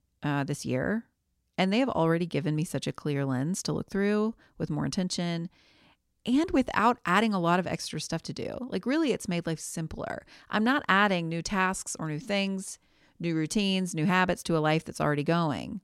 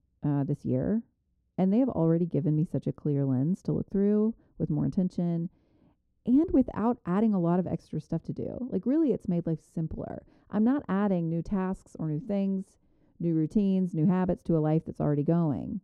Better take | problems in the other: first | muffled; very; fading above 1 kHz

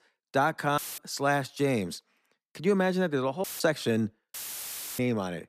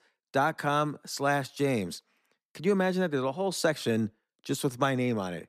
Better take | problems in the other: second | audio cutting out; filled with static; at 1 s, at 3.5 s and at 4.5 s for 0.5 s

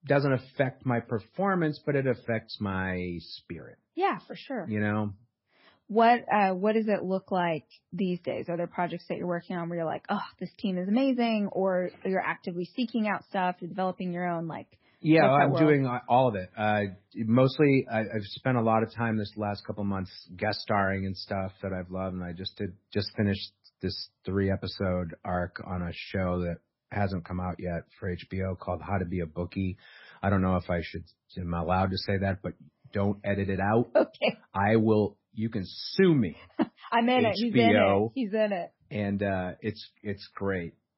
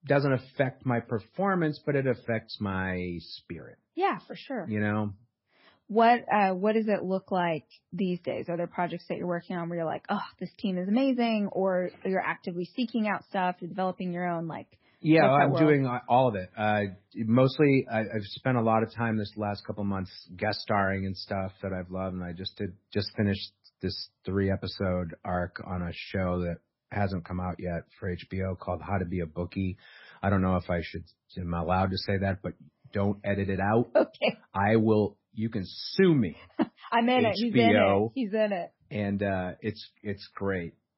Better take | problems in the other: neither | garbled, watery; badly; nothing above 5.5 kHz; the same in both

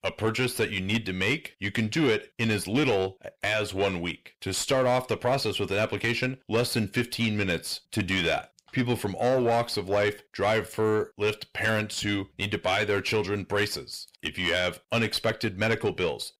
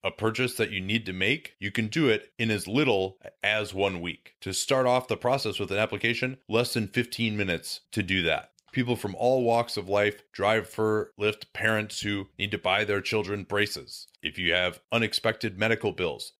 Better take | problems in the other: second | distortion; slight; 10 dB below the speech

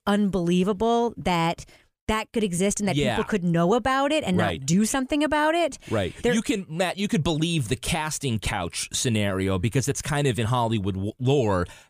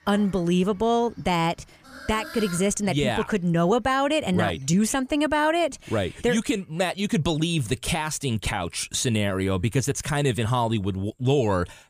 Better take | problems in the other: first | animal sounds; noticeable; throughout; 20 dB below the speech

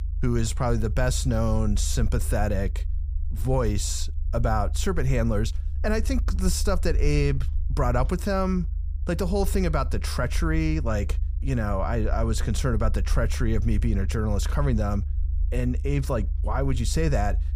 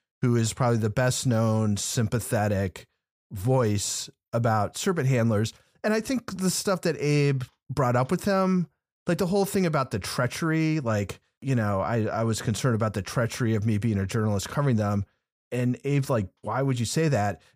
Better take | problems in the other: second | low rumble; noticeable; throughout; 20 dB below the speech

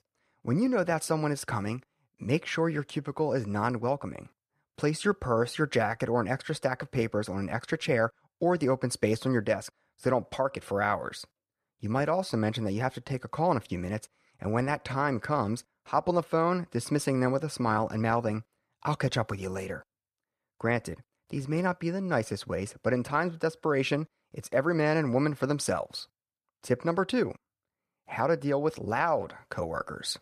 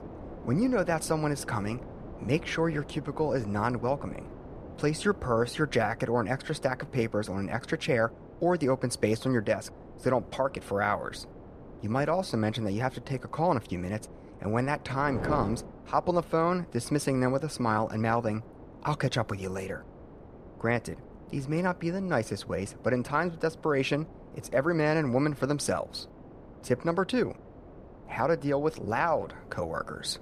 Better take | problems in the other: first | wind noise on the microphone; occasional gusts; 20 dB below the speech

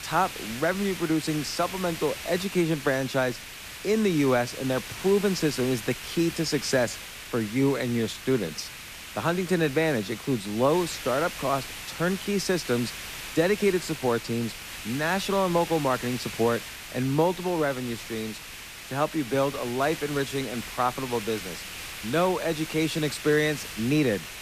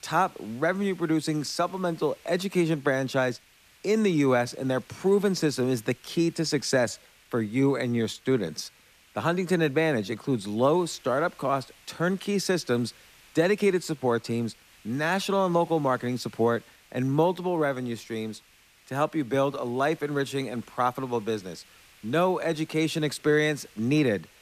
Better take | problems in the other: second | hiss; loud; throughout; 10 dB below the speech; faint in the second

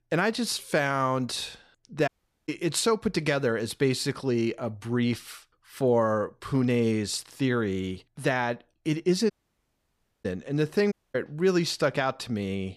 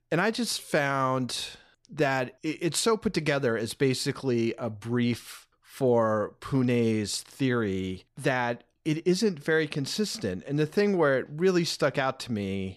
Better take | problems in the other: second | audio cutting out; at 2 s, at 9.5 s for 1 s and at 11 s

